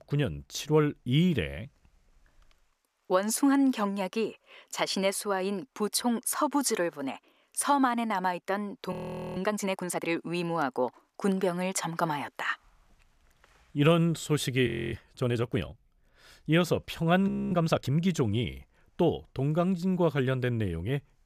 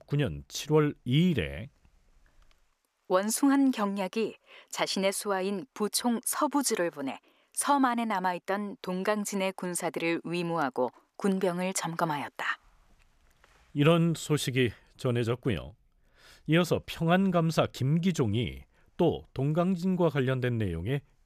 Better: second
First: audio freezing; at 9 s, at 15 s and at 17 s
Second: none

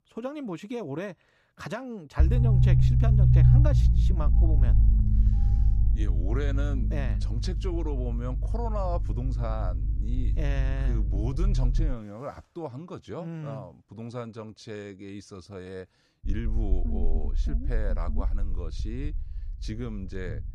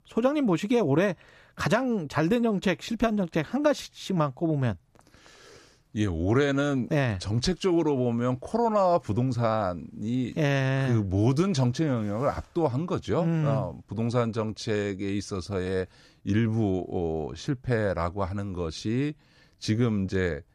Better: second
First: low rumble; loud; from 2 to 12 s and from 16 s on; 2 dB below the speech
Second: none

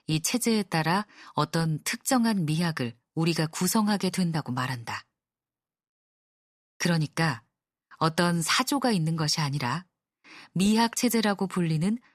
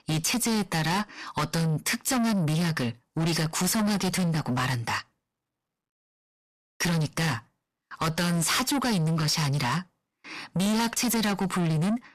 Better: first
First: none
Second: distortion; heavy; 6 dB below the speech

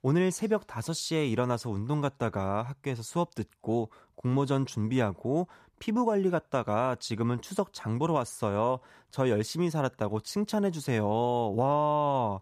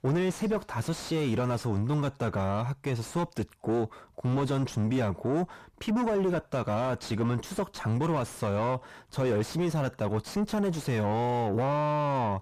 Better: first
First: none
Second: distortion; heavy; 7 dB below the speech

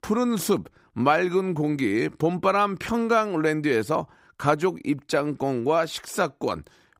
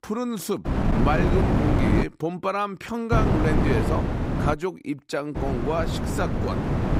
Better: first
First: none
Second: wind noise on the microphone; heavy; from 0.5 to 2 s, from 3 to 4.5 s and from 5.5 s on; 1 dB below the speech

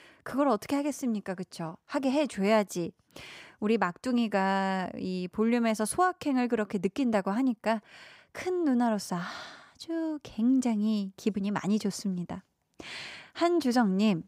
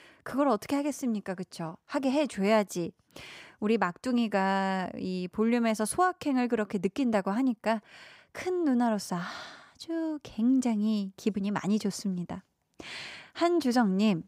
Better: neither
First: none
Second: none

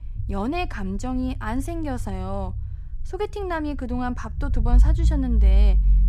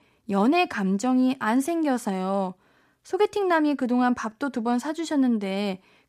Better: second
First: low rumble; noticeable; throughout; 15 dB below the speech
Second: none

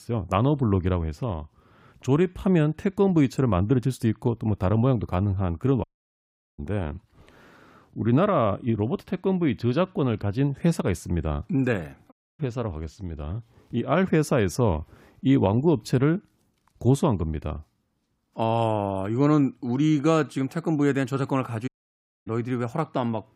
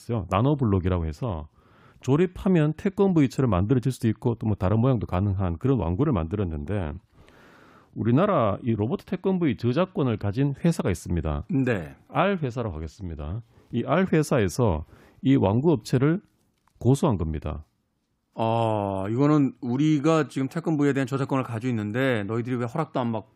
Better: second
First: audio cutting out; at 6 s for 0.5 s, at 12 s and at 22 s for 0.5 s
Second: none

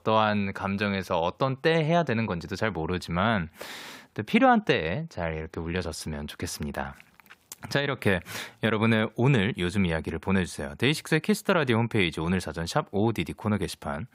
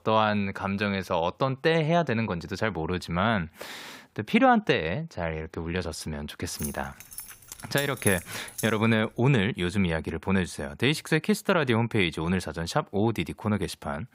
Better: first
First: none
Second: jangling keys; noticeable; from 6.5 to 8.5 s; peak 5 dB below the speech

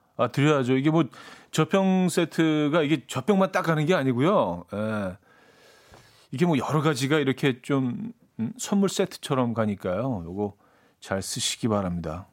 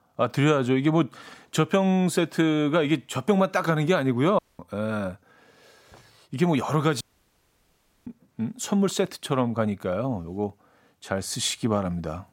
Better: first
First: none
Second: audio cutting out; at 4.5 s and at 7 s for 1 s

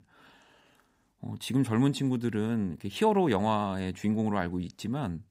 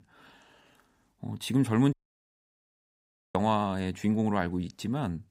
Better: first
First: none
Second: audio cutting out; at 2 s for 1.5 s

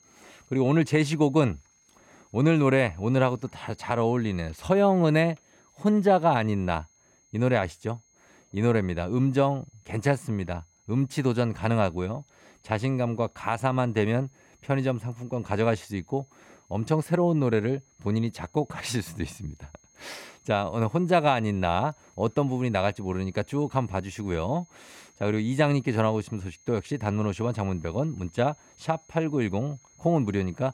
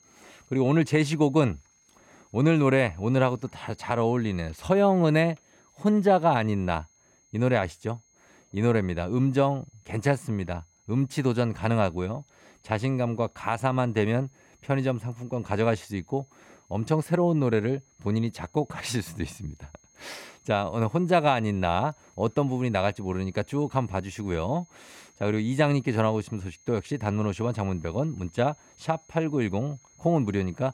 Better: neither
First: high-pitched whine; faint; throughout; 6.5 kHz, 30 dB below the speech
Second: high-pitched whine; faint; throughout; 6.5 kHz, 30 dB below the speech

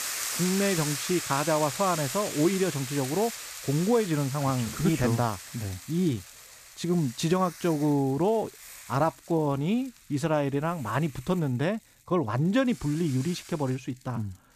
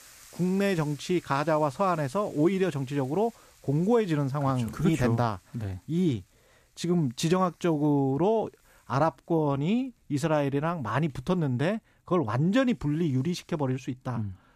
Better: second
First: hiss; loud; throughout; 8 dB below the speech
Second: hiss; faint; throughout; 30 dB below the speech

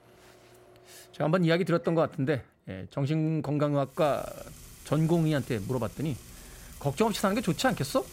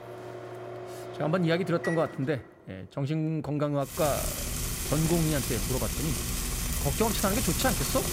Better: first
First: household noises; faint; throughout; 20 dB below the speech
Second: household noises; loud; throughout; 2 dB below the speech

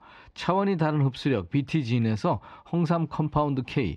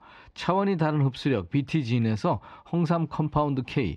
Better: neither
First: muffled; slightly; fading above 3 kHz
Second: muffled; slightly; fading above 3 kHz

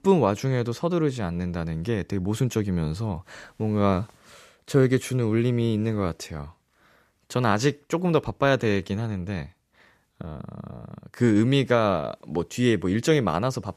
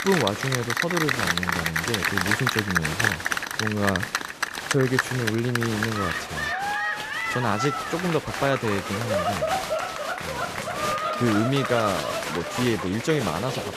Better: first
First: none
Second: crowd noise; very loud; throughout; 1 dB above the speech

